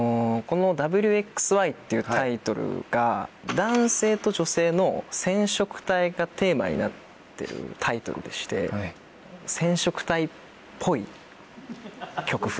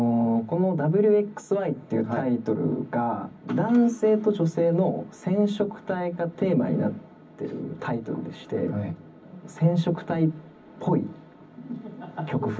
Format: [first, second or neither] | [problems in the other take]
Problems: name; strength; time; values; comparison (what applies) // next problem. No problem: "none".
first | room echo; dies away in 0.4 s